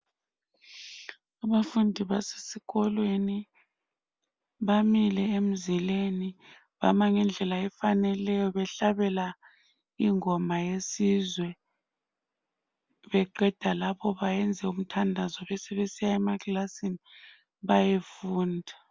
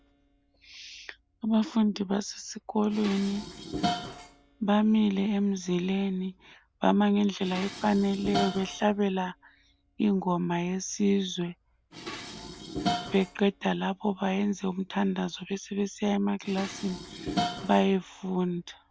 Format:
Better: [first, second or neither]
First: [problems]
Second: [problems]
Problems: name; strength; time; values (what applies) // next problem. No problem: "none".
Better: first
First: none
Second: background sound (Dishes, pots, and pans); 11 dB below the speech